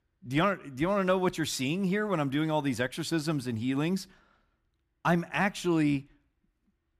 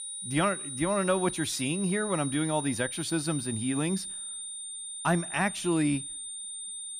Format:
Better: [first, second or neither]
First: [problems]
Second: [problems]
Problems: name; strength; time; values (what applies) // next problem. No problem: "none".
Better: first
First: none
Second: high-pitched whine; loud; throughout; 9 kHz, 6 dB below the speech